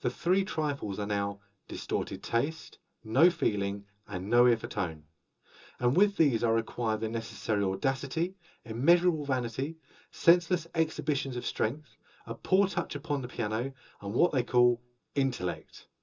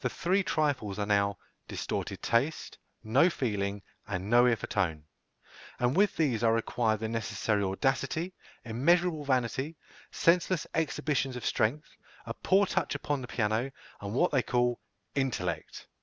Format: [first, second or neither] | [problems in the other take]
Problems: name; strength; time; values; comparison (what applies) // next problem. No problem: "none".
second | room echo; dies away in 0.2 s